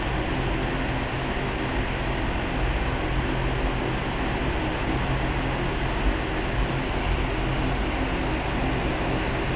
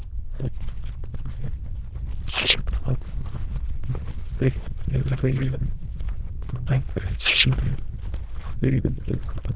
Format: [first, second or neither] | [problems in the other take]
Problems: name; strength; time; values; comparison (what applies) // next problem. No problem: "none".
first | noise reduction (neural diffusion model UNIVERSE++)